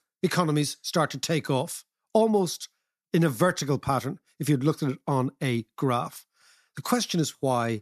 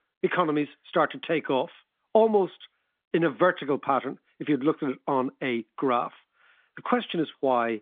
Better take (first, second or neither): first